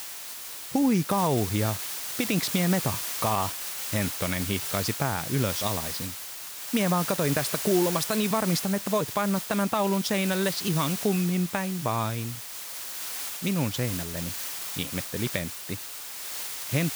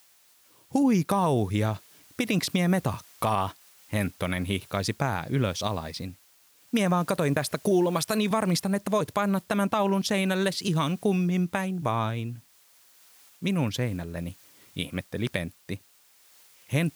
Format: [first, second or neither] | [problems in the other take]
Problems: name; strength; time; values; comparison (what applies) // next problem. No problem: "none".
second | hiss; loud; throughout; 4 dB below the speech; faint in the second